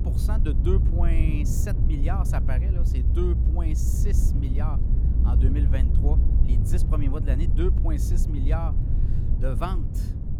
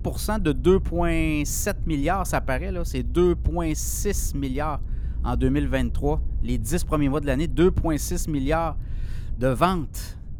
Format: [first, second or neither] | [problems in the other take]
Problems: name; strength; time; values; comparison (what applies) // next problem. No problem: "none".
second | low rumble; loud; throughout; 3 dB below the speech; faint in the second